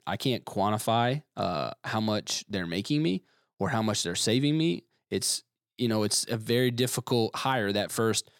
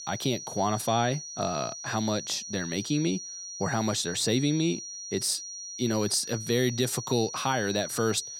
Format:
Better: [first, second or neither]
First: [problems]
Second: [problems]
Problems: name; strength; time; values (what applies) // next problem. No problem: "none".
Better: first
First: none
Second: high-pitched whine; loud; throughout; 6 kHz, 8 dB below the speech